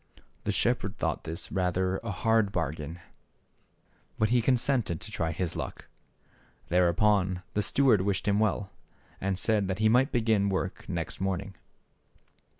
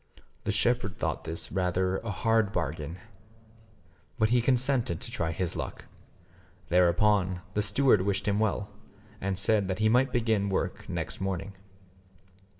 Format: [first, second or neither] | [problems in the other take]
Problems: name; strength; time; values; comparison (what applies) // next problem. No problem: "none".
first | room echo; dies away in 1 s